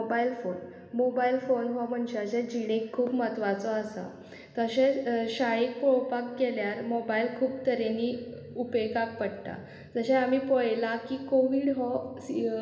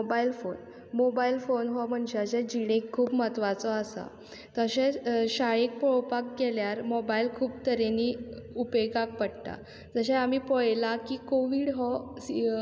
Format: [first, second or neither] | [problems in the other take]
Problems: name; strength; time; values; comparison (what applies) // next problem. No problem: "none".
second | room echo; dies away in 1.1 s